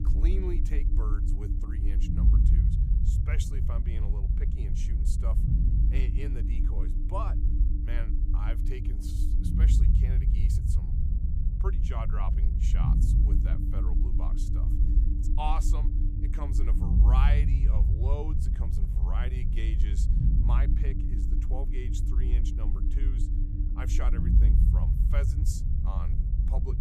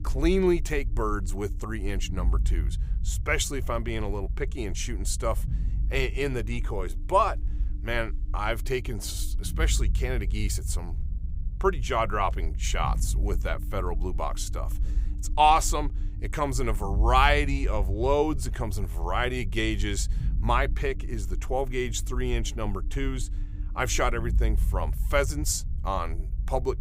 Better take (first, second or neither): second